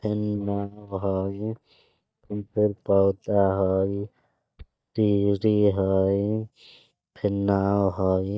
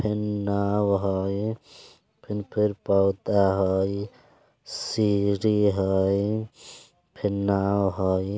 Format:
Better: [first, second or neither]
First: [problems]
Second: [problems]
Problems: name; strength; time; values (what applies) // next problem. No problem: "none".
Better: second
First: noise reduction (neural mask model DeepFilterNet 3)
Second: none